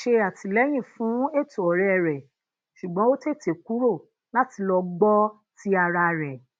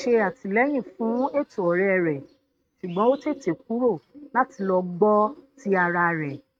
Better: first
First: none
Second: noise reduction (neural mask model RNNoise)

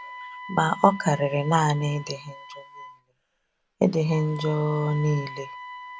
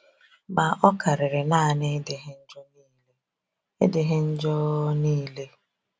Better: second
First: background sound (Wind instrument, woodwind instrument); 15 dB below the speech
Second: none

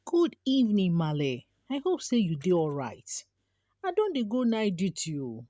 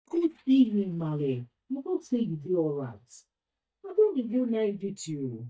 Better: first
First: none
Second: noise reduction (neural mask model DeepFilterNet 3)

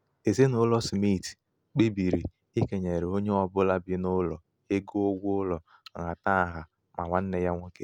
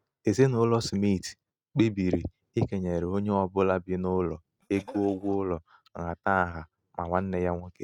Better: first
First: none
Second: noise reduction (neural mask model RNNoise)

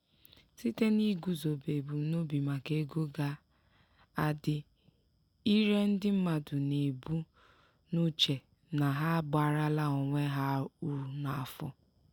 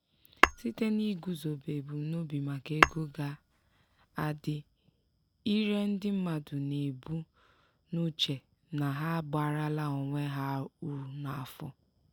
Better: first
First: none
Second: background sound (Tap / Hammer); 1 dB above the speech

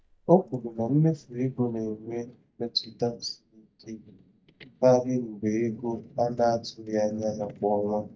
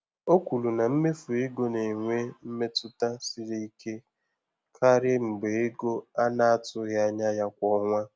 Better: second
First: noise reduction (neural mask model DeepFilterNet 3)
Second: none

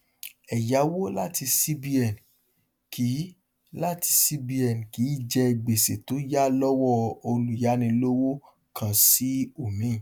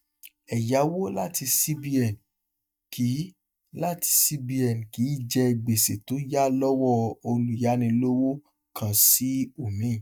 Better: first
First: none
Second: noise reduction (neural mask model DeepFilterNet 3)

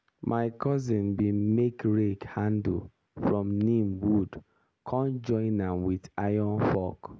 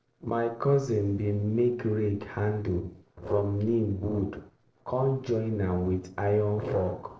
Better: first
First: none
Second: noise reduction (neural separator model SepFormer DNS4)

